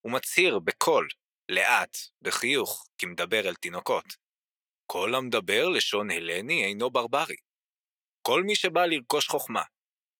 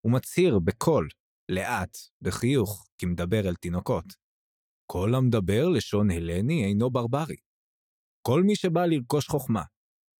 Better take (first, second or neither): second